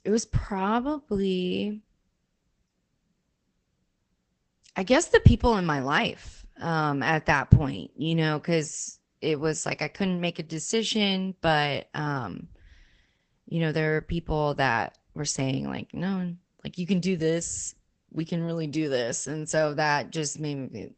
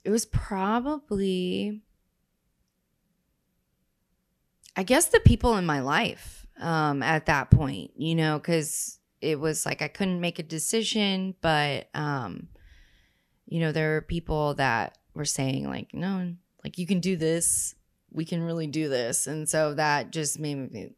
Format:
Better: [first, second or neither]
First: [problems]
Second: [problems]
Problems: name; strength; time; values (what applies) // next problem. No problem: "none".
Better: second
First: garbled, watery; badly; nothing above 8 kHz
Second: none